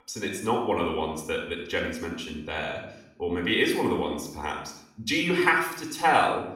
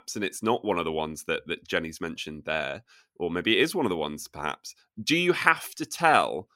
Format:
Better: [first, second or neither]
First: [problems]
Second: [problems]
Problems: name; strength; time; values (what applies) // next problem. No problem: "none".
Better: second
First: off-mic speech; somewhat distant // room echo; noticeable; dies away in 0.7 s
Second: none